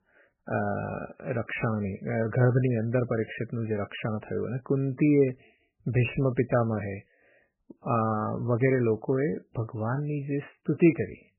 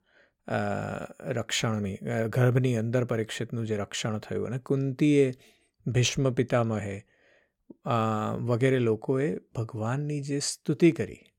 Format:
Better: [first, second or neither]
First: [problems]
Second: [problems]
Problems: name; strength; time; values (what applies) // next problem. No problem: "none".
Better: second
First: garbled, watery; badly; nothing above 3 kHz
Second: none